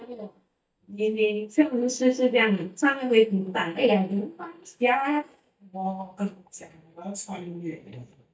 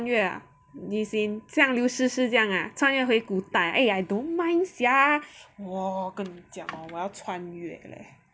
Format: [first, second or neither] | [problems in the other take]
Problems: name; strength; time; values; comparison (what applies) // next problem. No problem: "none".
second | noise reduction (neural mask model DeepFilterNet 3)